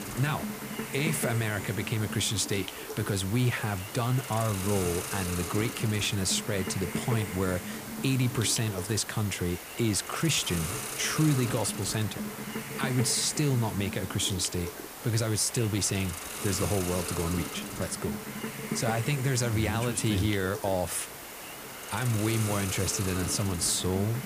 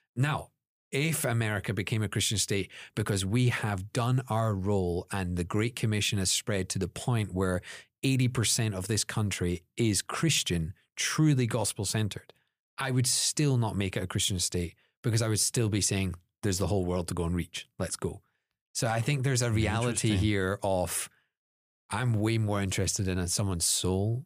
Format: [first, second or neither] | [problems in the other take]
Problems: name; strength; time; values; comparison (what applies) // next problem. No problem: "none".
second | hiss; loud; throughout; 7 dB below the speech